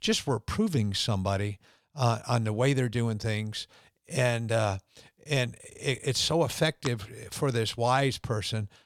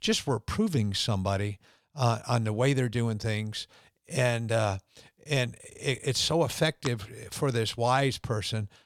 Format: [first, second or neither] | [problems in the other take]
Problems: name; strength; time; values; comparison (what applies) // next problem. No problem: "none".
neither | none